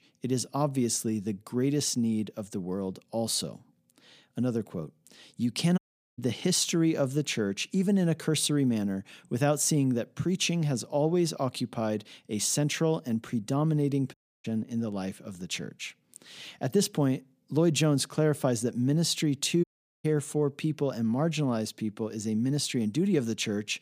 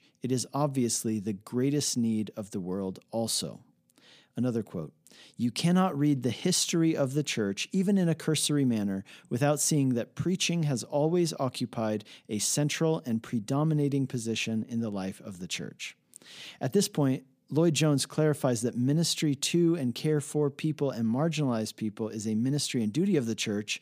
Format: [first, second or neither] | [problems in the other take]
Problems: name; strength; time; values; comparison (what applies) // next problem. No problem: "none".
second | audio cutting out; at 6 s, at 14 s and at 20 s